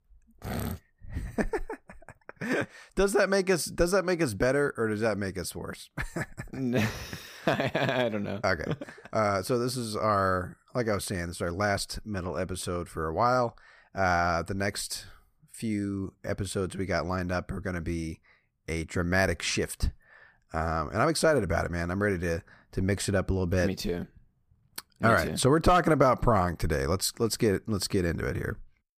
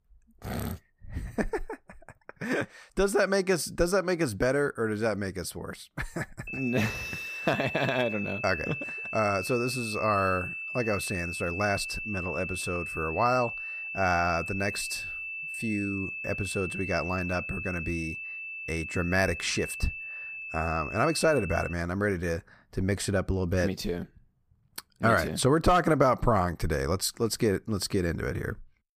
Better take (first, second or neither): first